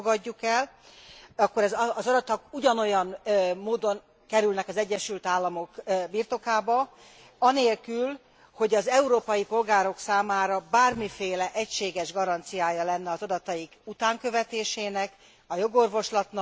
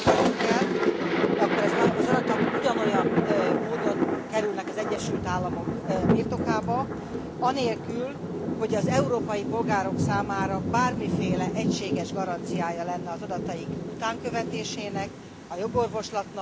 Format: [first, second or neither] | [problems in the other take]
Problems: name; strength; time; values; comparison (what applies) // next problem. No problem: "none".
first | background sound (Thunder); 3 dB above the speech